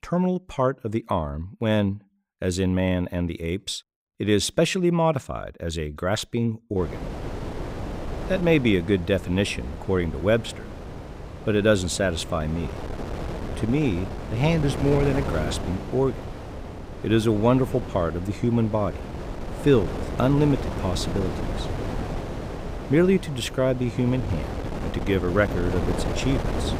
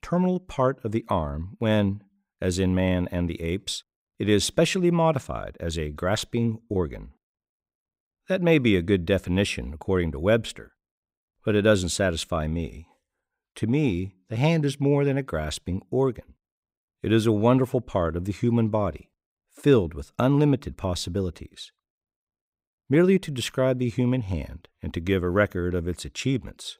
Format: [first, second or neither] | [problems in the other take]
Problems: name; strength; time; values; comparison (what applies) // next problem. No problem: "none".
second | wind noise on the microphone; heavy; from 7 s on; 9 dB below the speech